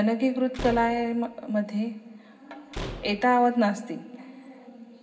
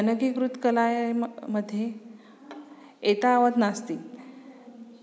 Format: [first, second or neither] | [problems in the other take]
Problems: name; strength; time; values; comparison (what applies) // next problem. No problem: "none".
second | background sound (Slam); 14 dB below the speech // room echo; dies away in 0.4 s